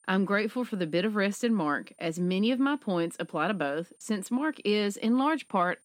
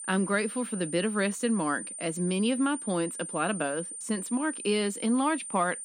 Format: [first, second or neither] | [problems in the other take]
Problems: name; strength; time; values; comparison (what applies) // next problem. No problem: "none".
first | high-pitched whine; loud; throughout; 9 kHz, 8 dB below the speech; faint in the first